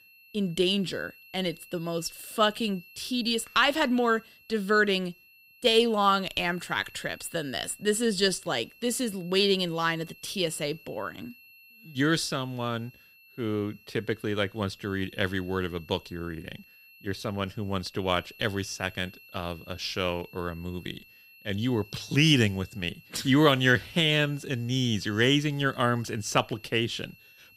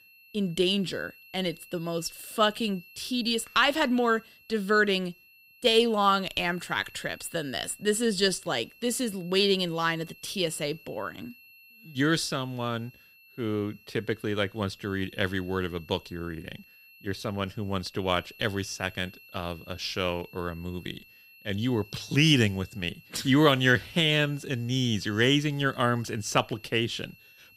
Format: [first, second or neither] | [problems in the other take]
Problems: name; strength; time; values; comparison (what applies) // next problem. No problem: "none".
neither | high-pitched whine; faint; throughout; 2.5 kHz, 25 dB below the speech; the same in both